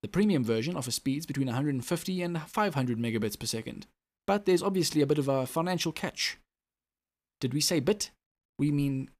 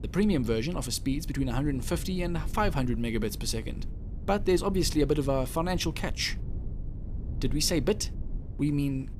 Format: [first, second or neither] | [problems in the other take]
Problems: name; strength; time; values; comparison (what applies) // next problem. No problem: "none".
first | low rumble; faint; throughout; 20 dB below the speech